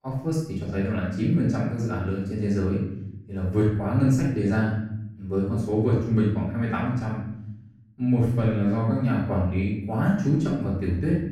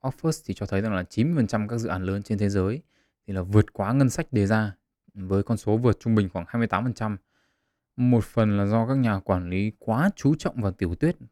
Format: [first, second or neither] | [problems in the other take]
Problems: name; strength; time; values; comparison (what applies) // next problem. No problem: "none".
second | room echo; noticeable; dies away in 1 s // off-mic speech; far